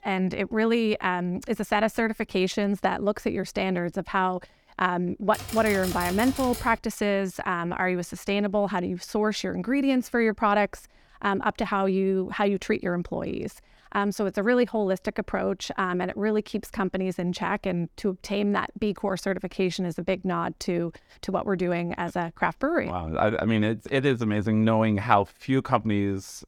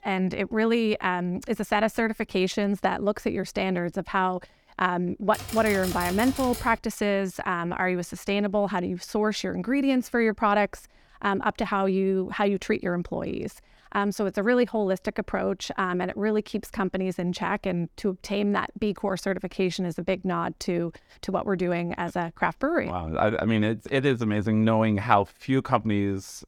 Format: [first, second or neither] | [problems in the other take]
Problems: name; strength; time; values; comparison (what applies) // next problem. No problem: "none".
neither | keyboard typing; noticeable; from 5.5 to 7 s; peak 7 dB below the speech; the same in both